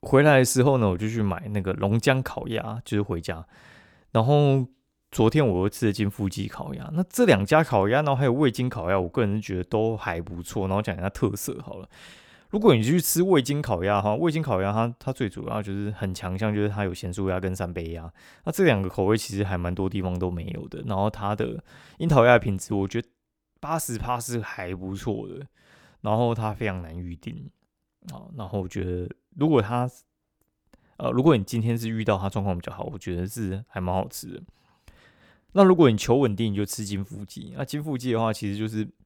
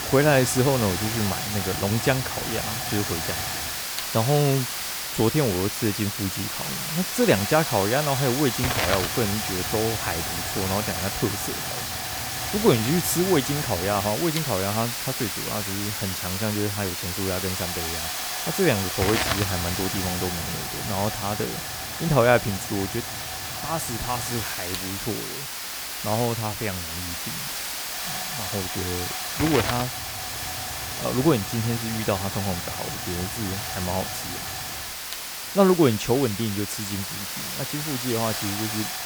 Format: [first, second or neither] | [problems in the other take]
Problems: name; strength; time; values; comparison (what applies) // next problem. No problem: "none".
first | hiss; loud; throughout; 2 dB below the speech